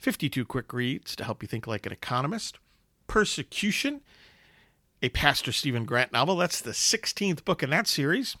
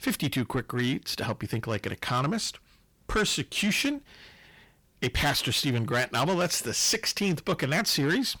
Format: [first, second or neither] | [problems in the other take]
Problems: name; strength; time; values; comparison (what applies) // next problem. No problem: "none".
first | distortion; heavy; 8 dB below the speech